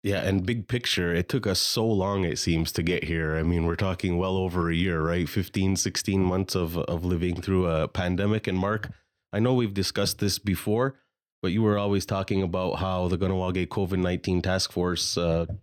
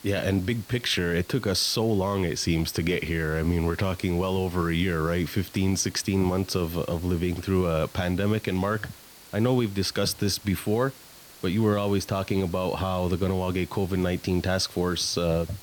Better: first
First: none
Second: hiss; faint; throughout; 20 dB below the speech

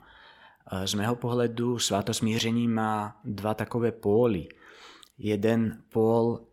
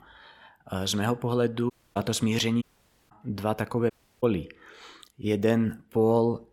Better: first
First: none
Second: audio cutting out; at 1.5 s, at 2.5 s and at 4 s

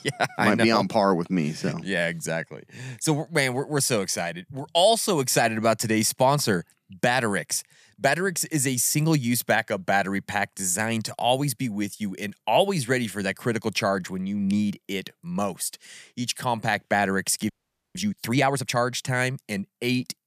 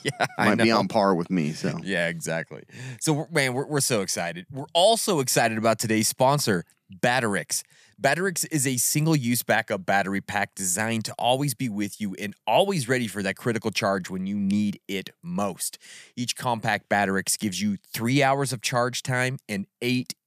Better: second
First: audio freezing; at 17 s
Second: none

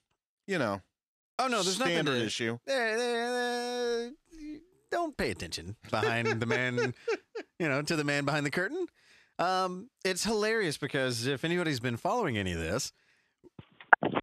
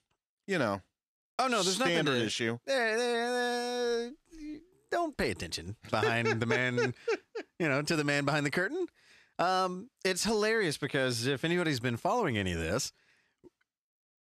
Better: second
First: phone ringing; loud; at 14 s; peak 6 dB above the speech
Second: none

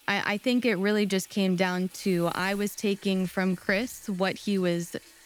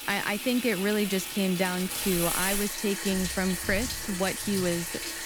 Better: first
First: household noises; faint; throughout; 25 dB below the speech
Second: household noises; loud; throughout; 3 dB below the speech

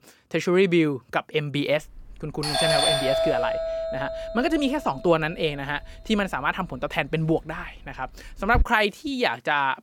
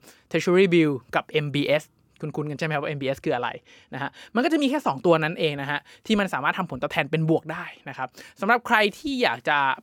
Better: second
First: doorbell; loud; from 2.5 to 8.5 s; peak 5 dB above the speech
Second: none

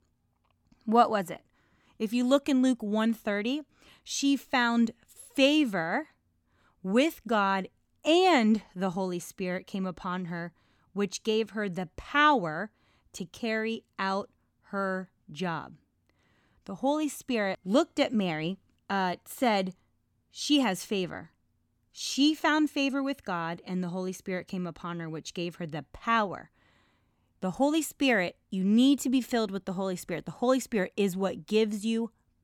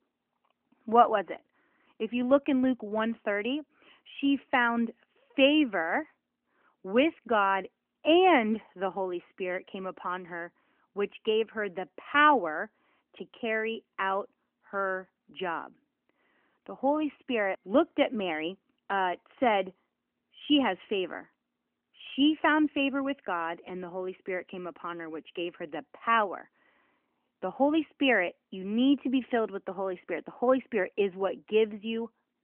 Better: first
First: none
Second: phone-call audio; nothing above 3 kHz

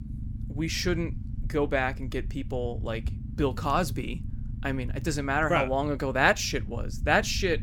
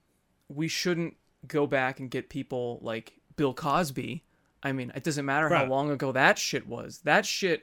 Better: second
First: low rumble; faint; throughout; 20 dB below the speech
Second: none

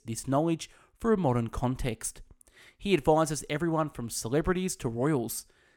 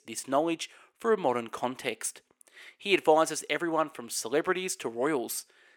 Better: first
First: none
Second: thin; somewhat; fading below 400 Hz

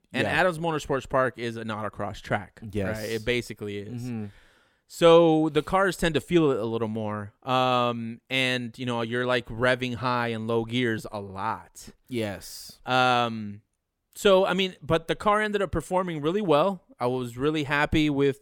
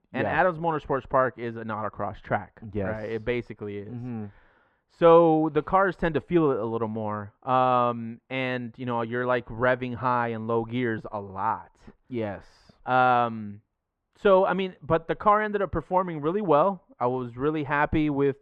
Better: first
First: none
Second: muffled; very; fading above 2 kHz

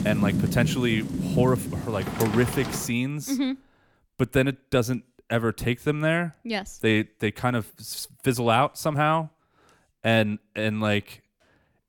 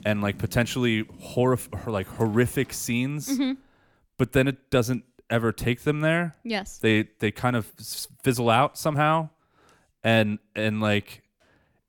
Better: second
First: rain or running water; loud; until 3 s; 3 dB below the speech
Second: rain or running water; faint; until 3 s; 25 dB below the speech

